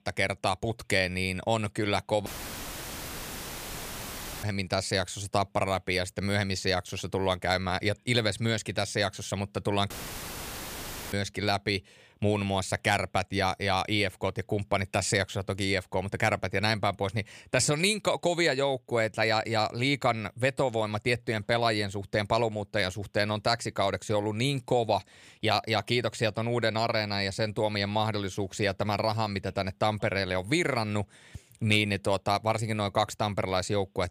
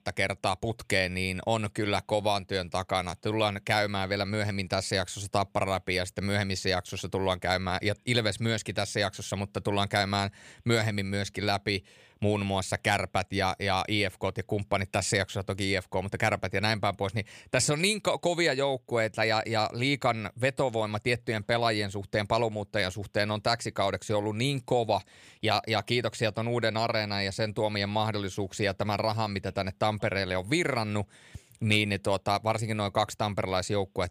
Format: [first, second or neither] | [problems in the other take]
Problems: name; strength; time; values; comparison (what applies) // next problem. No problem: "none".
second | audio cutting out; filled with static; at 2.5 s for 2 s and at 10 s for 1 s